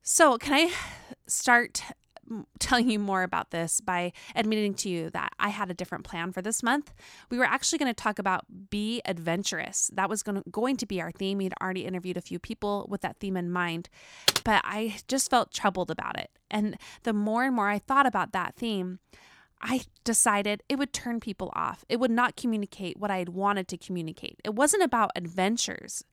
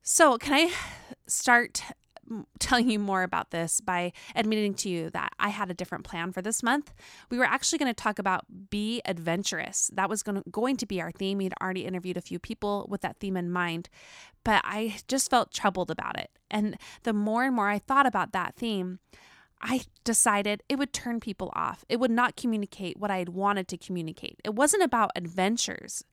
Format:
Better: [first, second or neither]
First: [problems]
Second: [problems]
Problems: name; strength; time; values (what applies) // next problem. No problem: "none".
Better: second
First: keyboard typing; loud; at 14 s; peak 3 dB above the speech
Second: none